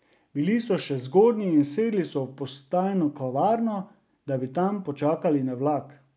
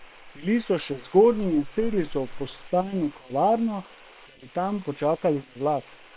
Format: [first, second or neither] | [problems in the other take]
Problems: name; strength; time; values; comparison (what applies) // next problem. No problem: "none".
first | noise reduction (neural separator model SepFormer WHAM!)